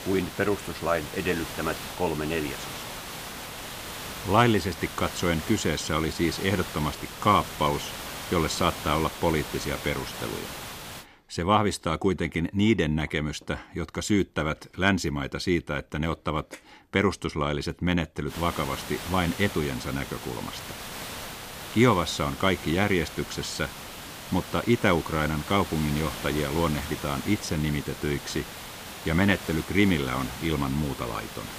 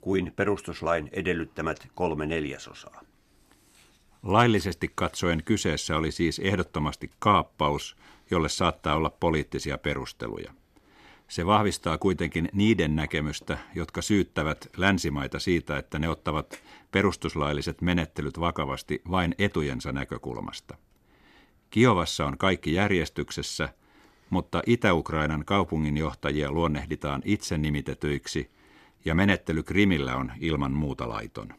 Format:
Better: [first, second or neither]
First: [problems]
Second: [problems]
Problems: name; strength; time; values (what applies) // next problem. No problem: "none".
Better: second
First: hiss; loud; until 11 s and from 18 s on; 10 dB below the speech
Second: none